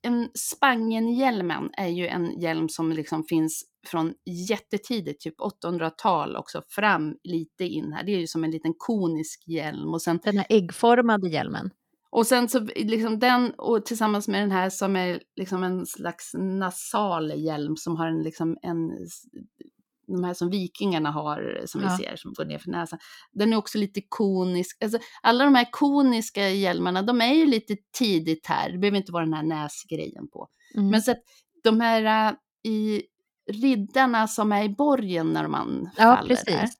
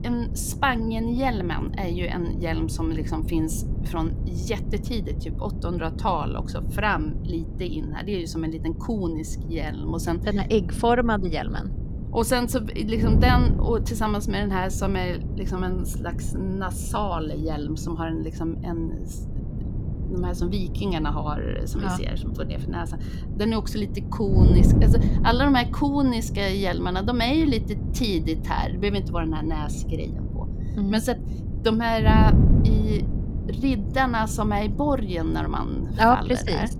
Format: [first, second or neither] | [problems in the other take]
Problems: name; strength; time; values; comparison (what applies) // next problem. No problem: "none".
first | wind noise on the microphone; occasional gusts; 10 dB below the speech